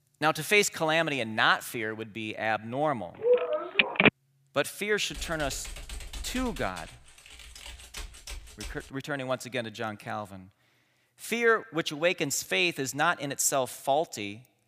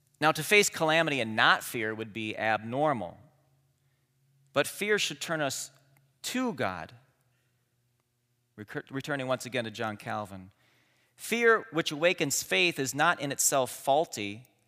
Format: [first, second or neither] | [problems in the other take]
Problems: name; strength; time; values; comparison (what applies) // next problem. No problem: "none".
second | phone ringing; loud; at 3 s; peak 7 dB above the speech // keyboard typing; faint; from 5 to 9 s; peak 10 dB below the speech